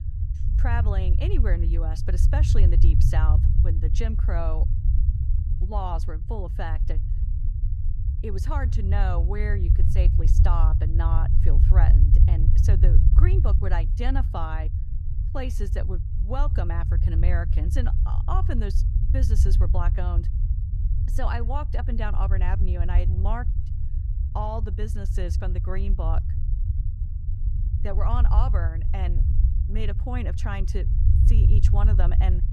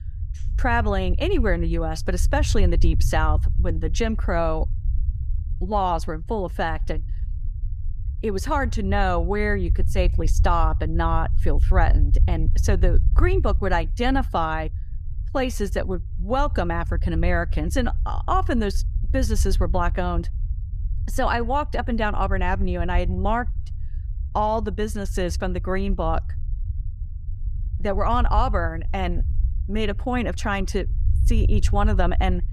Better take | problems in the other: second | low rumble; loud; throughout; 6 dB below the speech; faint in the second

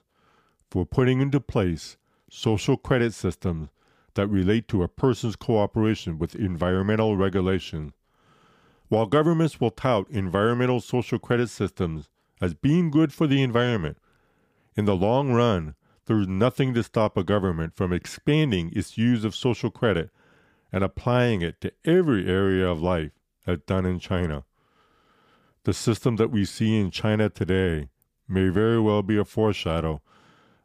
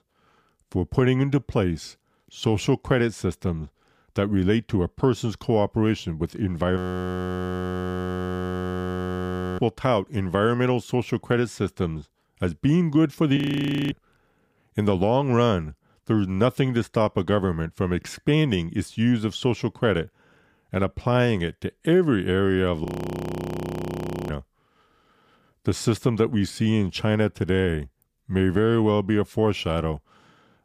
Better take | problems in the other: first | audio freezing; at 7 s for 3 s, at 13 s for 0.5 s and at 23 s for 1.5 s

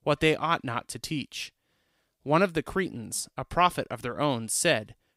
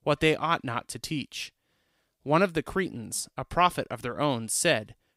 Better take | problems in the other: neither | none

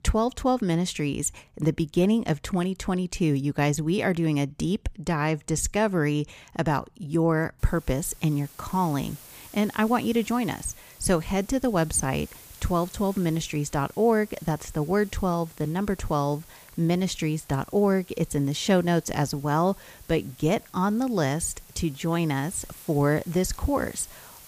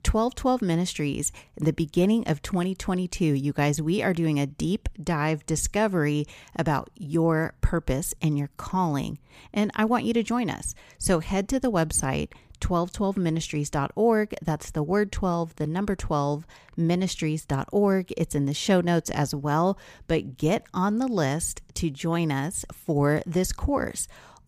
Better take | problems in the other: second | hiss; faint; from 7.5 s on; 20 dB below the speech

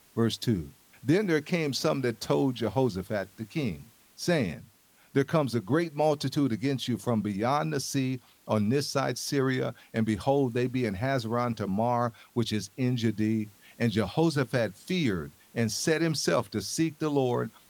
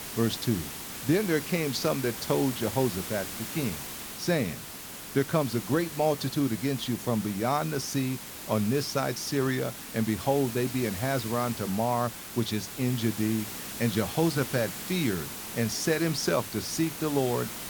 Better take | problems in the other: first | hiss; loud; throughout; 8 dB below the speech; faint in the first

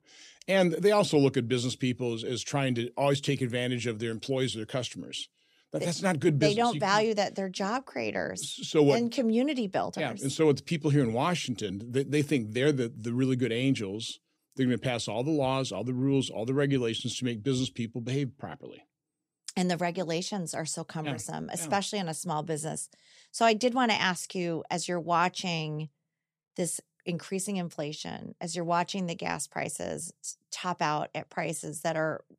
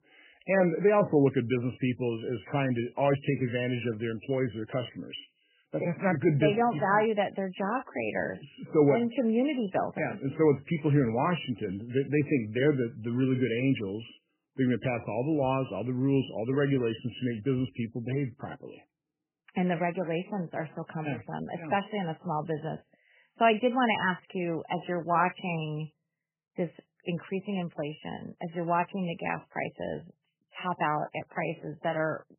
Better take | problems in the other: first | garbled, watery; badly; nothing above 3 kHz

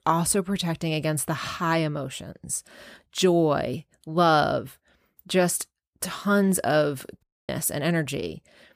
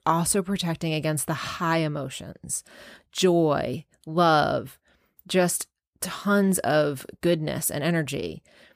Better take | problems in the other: second | audio cutting out; at 7 s

